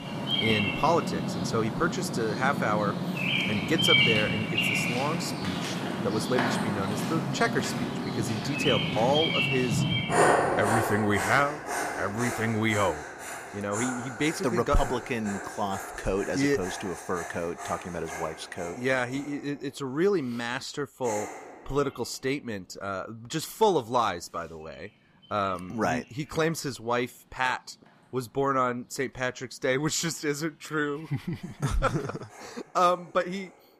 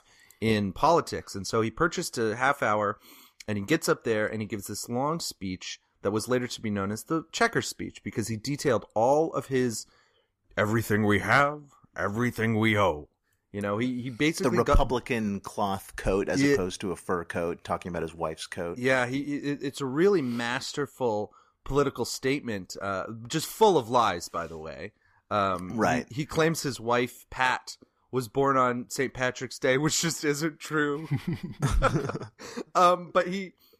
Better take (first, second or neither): second